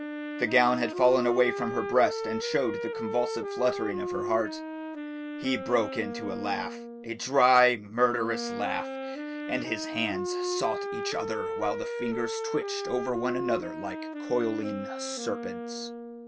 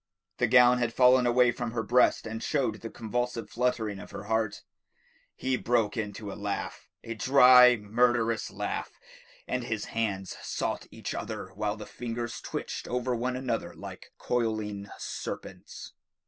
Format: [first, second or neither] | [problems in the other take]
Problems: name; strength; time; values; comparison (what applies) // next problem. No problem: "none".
second | background sound (Wind instrument, woodwind instrument); 5 dB below the speech